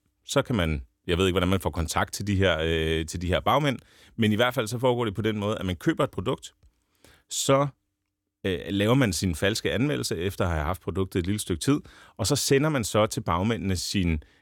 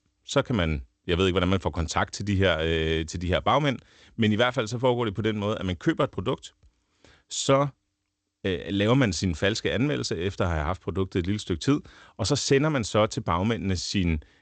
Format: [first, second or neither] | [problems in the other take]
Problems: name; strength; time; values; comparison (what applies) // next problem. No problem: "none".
first | garbled, watery; slightly; nothing above 8 kHz